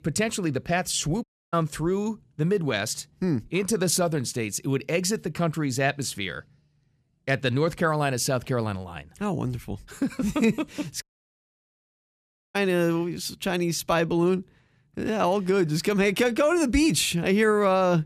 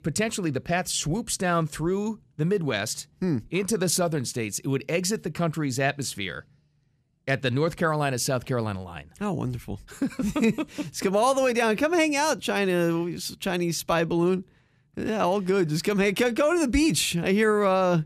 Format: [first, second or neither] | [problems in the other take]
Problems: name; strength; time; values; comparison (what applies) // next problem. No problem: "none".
second | audio cutting out; at 1 s and at 11 s for 1.5 s